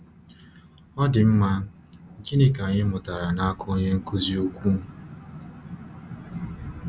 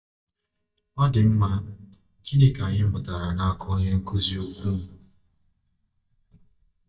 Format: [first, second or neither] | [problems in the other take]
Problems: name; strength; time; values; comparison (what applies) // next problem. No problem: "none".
first | noise reduction (neural mask model DeepFilterNet 3)